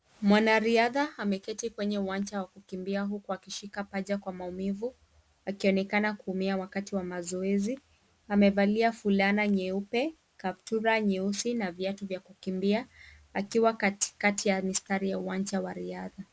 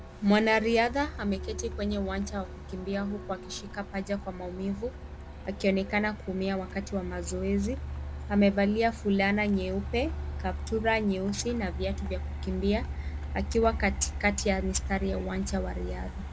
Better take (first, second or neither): first